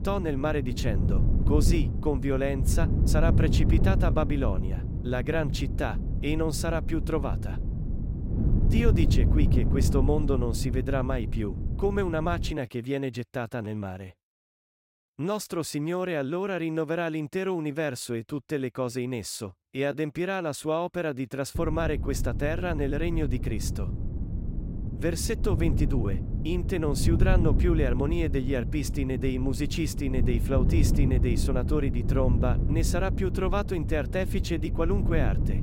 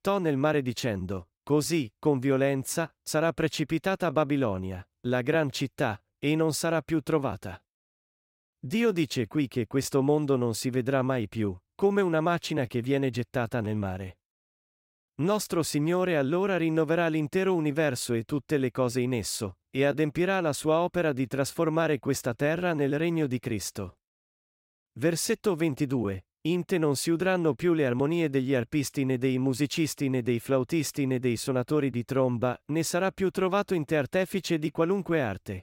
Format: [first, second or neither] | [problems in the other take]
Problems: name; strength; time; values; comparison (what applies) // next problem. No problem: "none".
second | wind noise on the microphone; heavy; until 13 s and from 22 s on; 9 dB below the speech